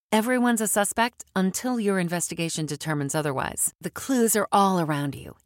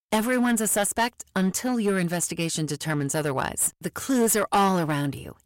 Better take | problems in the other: first | distortion; slight; 6% of the sound clipped

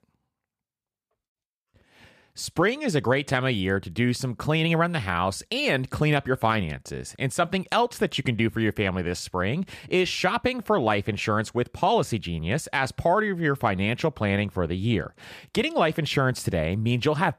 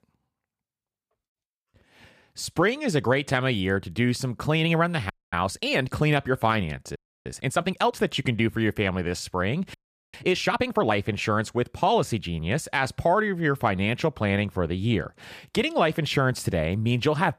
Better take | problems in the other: first | audio freezing; at 5 s, at 7 s and at 9.5 s

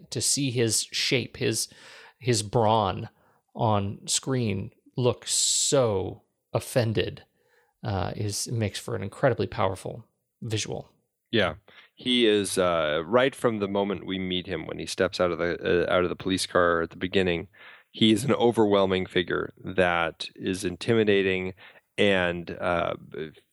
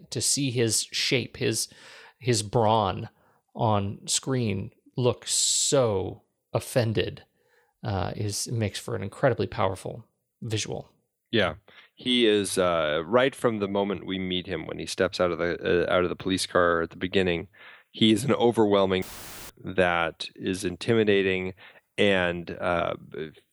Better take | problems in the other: first | audio cutting out; filled with static; at 19 s

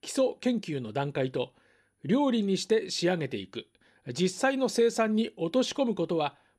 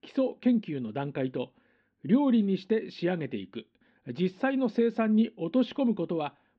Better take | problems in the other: first | muffled; slightly; fading above 3.5 kHz

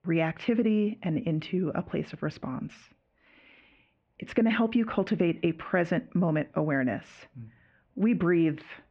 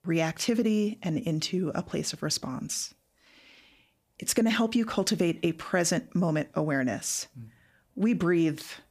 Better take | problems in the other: second | muffled; very; fading above 2.5 kHz

